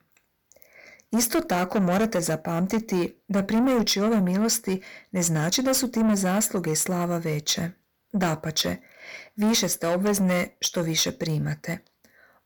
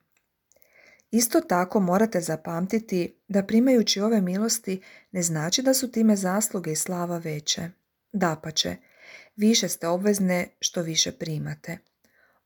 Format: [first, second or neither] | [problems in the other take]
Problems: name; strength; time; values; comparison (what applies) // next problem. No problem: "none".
second | distortion; heavy; 8 dB below the speech